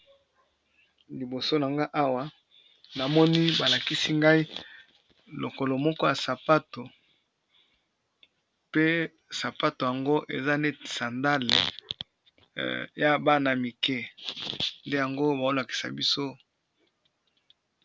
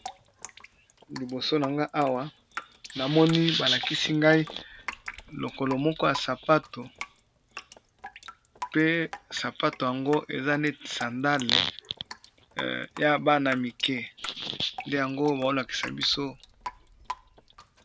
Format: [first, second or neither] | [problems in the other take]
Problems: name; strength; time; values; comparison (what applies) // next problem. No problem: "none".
first | background sound (Drip); 16 dB below the speech